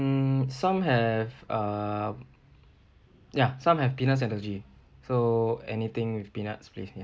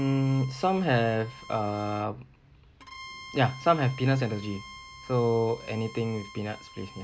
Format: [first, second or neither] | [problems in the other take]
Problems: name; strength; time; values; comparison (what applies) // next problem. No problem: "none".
first | background sound (Bowed string instrument); 18 dB below the speech